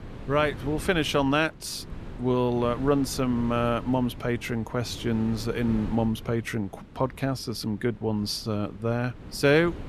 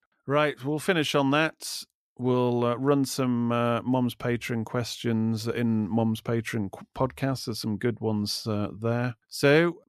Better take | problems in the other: second | wind noise on the microphone; occasional gusts; 20 dB below the speech

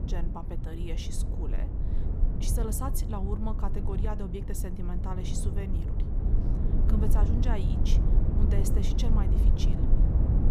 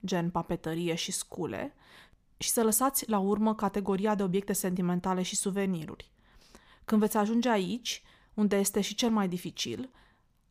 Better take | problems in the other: second | low rumble; loud; throughout; 2 dB below the speech

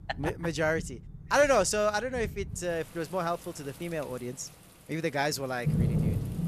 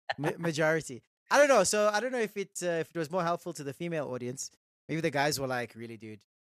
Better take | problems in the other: second | rain or running water; loud; throughout; 4 dB below the speech

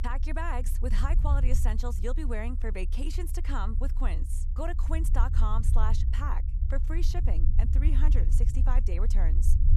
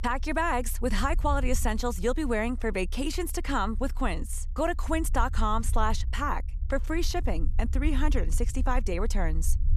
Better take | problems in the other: second | low rumble; loud; throughout; 10 dB below the speech; faint in the second

